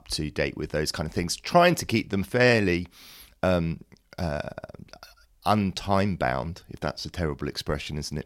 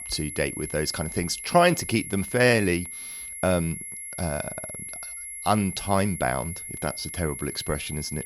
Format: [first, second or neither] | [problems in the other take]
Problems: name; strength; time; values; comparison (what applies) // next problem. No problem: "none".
first | high-pitched whine; loud; throughout; 11 kHz, 8 dB below the speech